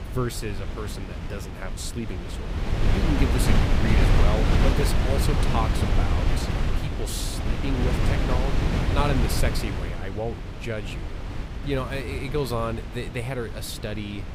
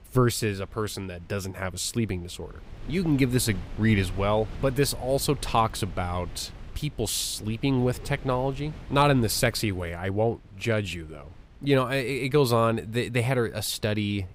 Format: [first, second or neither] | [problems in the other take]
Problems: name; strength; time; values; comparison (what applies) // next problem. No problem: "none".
second | wind noise on the microphone; heavy; as loud as the speech; occasional gusts in the second